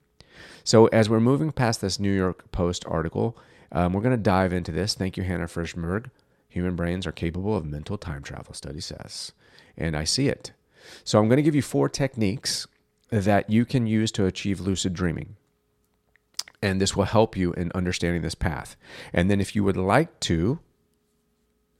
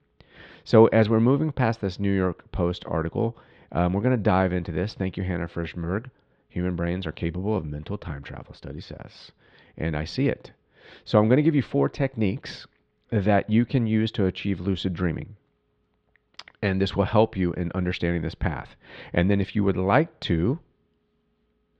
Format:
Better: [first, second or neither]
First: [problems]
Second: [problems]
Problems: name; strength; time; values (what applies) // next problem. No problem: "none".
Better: first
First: none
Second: muffled; slightly; fading above 3.5 kHz